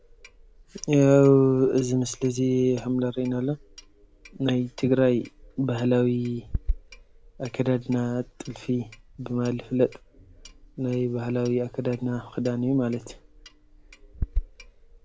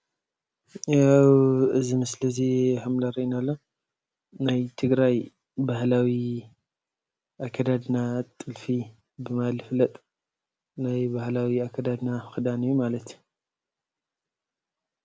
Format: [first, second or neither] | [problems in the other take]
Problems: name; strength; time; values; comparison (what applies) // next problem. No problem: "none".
second | background sound (Clock); 13 dB below the speech